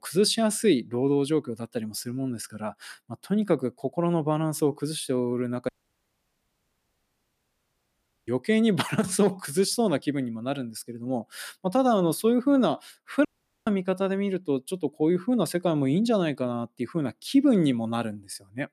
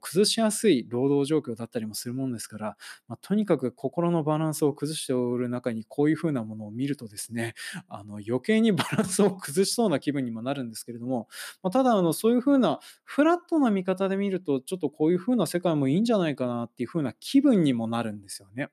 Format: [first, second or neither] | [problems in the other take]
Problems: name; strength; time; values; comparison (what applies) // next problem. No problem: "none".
second | audio cutting out; at 5.5 s for 2.5 s and at 13 s